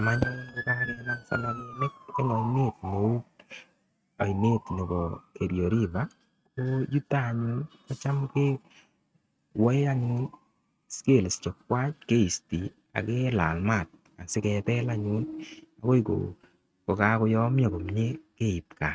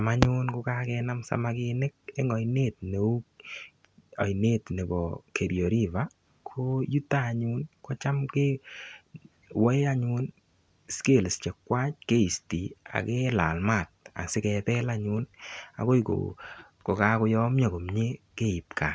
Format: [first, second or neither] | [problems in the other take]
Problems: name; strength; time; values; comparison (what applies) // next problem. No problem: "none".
second | noise reduction (neural mask model RNNoise)